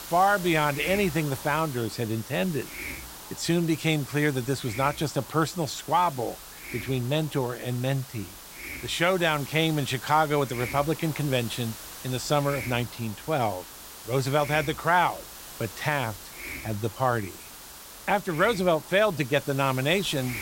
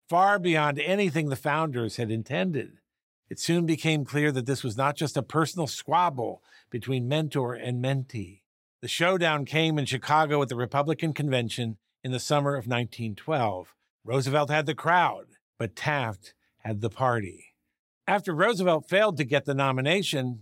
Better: second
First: hiss; noticeable; throughout; 10 dB below the speech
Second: none

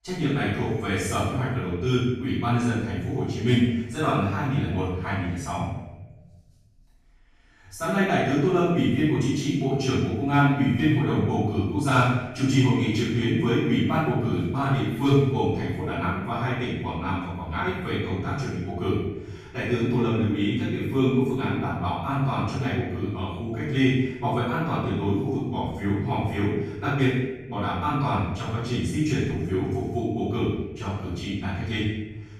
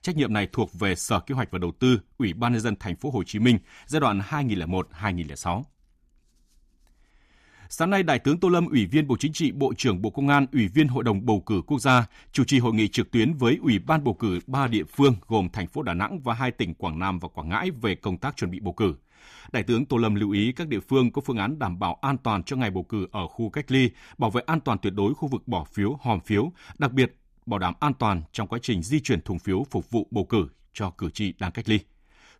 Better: second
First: off-mic speech; far // room echo; strong; dies away in 1 s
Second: none

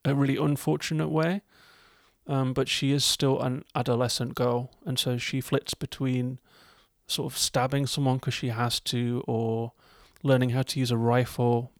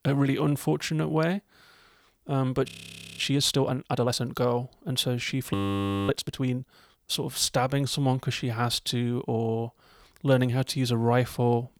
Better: first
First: none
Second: audio freezing; at 2.5 s for 0.5 s and at 5.5 s for 0.5 s

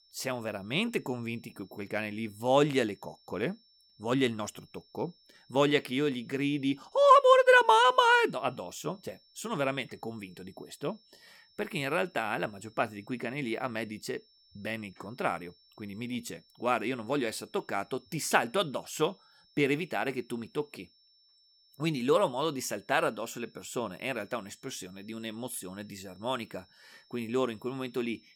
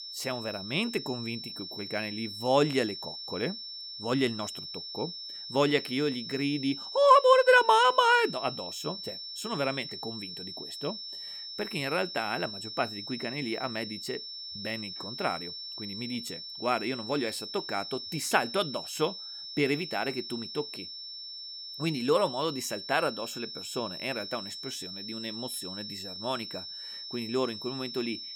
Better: first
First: high-pitched whine; faint; throughout; 5.5 kHz, 30 dB below the speech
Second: high-pitched whine; loud; throughout; 5.5 kHz, 8 dB below the speech

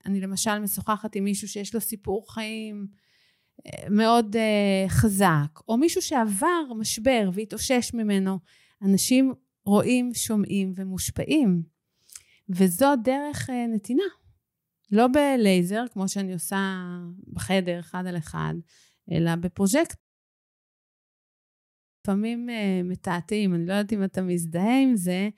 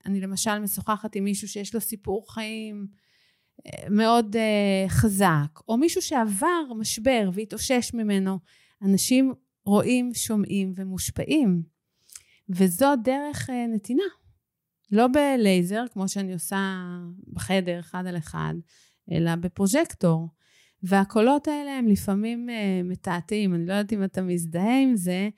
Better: second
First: audio cutting out; at 20 s for 2 s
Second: none

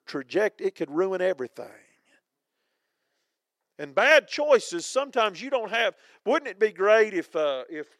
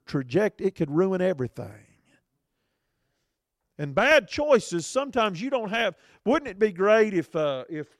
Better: second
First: thin; somewhat; fading below 400 Hz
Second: none

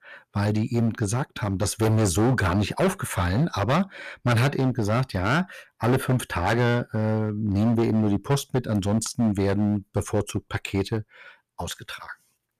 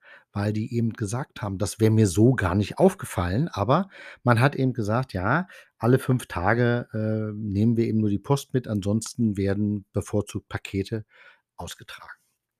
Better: second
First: distortion; heavy; 12% of the sound clipped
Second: none

